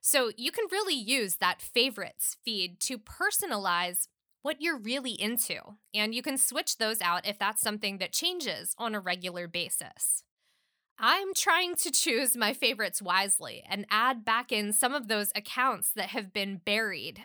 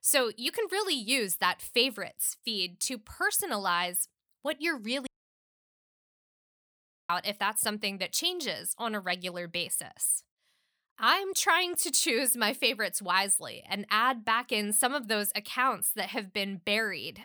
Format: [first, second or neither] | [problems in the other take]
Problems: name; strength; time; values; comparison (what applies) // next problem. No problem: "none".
first | audio cutting out; at 5 s for 2 s